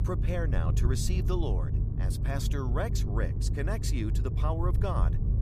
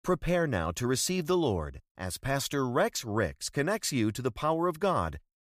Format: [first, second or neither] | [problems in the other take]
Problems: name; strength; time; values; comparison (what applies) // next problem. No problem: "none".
second | low rumble; loud; throughout; 7 dB below the speech